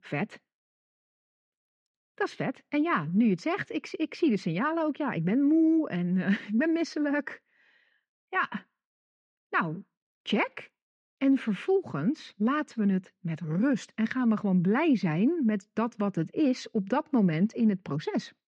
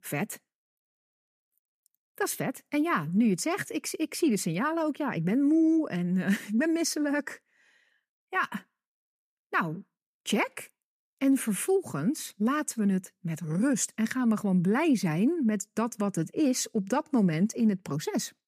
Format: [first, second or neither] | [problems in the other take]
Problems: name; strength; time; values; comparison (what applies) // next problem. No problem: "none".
second | muffled; slightly; fading above 4 kHz